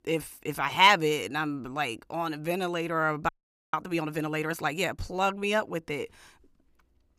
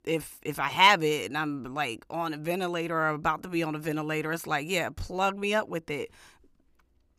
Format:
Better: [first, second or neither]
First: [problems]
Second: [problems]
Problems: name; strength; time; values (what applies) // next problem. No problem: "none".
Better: second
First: audio freezing; at 3.5 s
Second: none